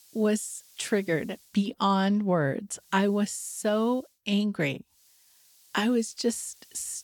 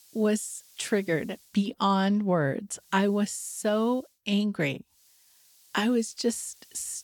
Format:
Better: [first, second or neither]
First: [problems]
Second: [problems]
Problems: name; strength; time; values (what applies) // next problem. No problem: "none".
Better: neither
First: hiss; faint; until 1.5 s, from 3 to 4 s and from 5 s on; 30 dB below the speech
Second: hiss; faint; until 1.5 s, from 3 to 4 s and from 5 s on; 30 dB below the speech